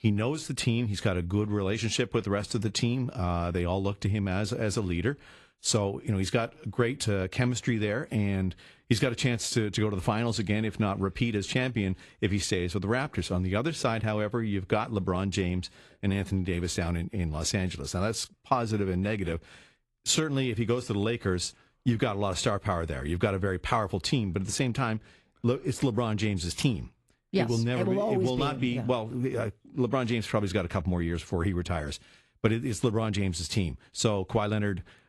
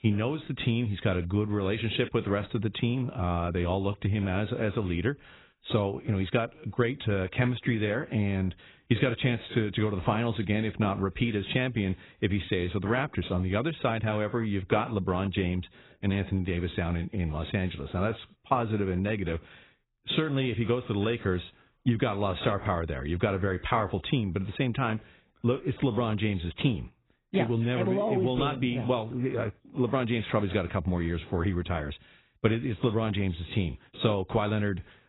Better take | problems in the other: first | garbled, watery; badly; nothing above 4 kHz; slightly in the first

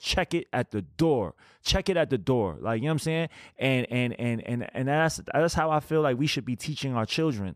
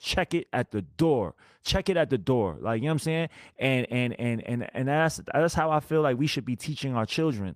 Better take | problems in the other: first | garbled, watery; slightly; nothing above 15 kHz

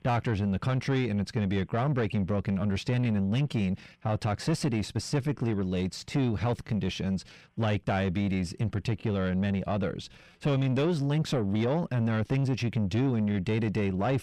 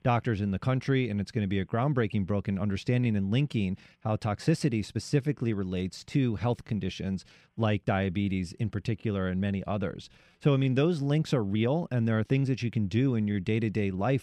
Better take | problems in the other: second | distortion; slight; 10 dB below the speech

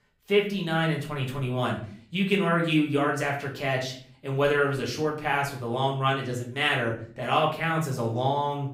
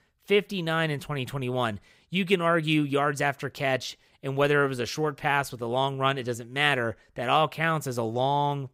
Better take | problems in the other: second | room echo; slight; dies away in 0.4 s // off-mic speech; far

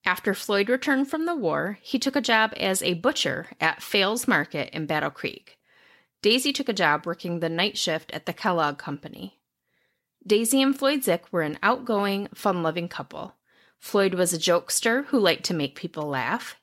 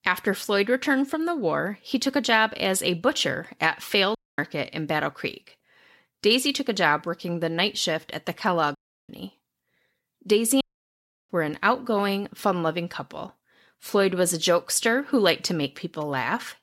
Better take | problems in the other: first | audio cutting out; at 4 s, at 9 s and at 11 s for 0.5 s

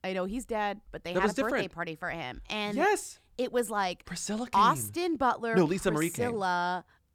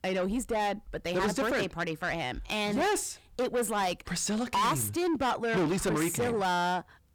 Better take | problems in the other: first | distortion; heavy; 6 dB below the speech

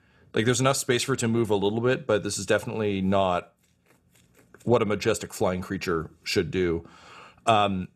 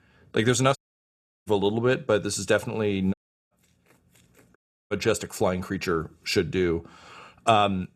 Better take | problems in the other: first | audio cutting out; at 1 s for 0.5 s, at 3 s and at 4.5 s

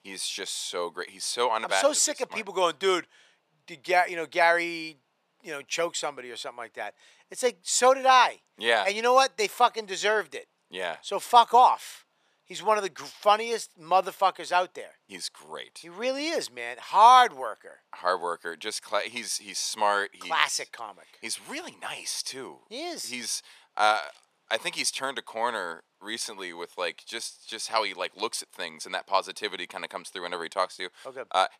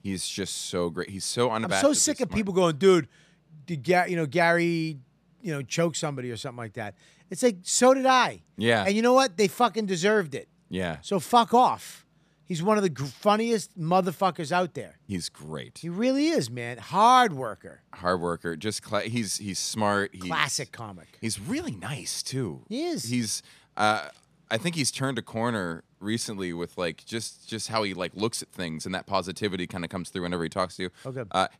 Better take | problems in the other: second | thin; very; fading below 600 Hz

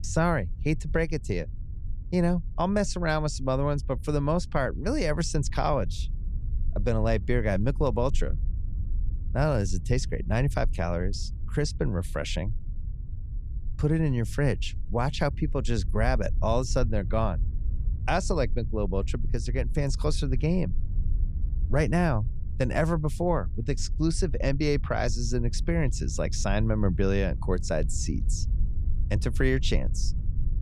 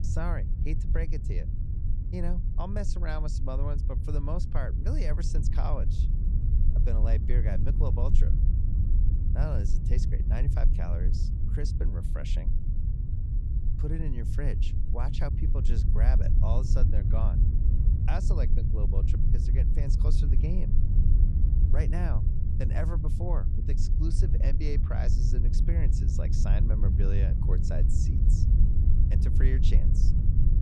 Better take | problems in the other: first | low rumble; loud; throughout; 3 dB below the speech; faint in the first

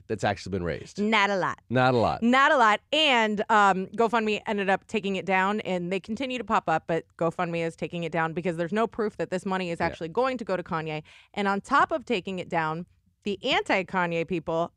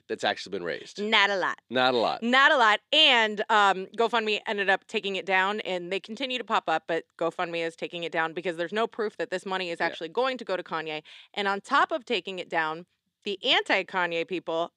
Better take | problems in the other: first | thin; very slightly; fading below 300 Hz

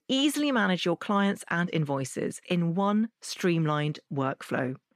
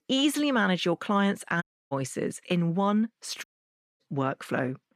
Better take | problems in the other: first | audio cutting out; at 1.5 s and at 3.5 s for 0.5 s

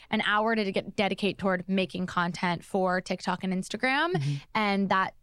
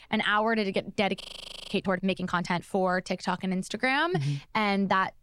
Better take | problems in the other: first | audio freezing; at 1 s for 0.5 s

